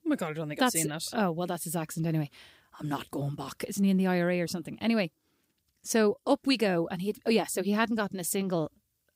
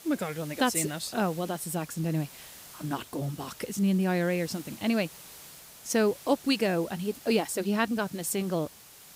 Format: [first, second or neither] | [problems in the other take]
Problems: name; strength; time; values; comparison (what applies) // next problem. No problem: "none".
first | hiss; noticeable; throughout; 15 dB below the speech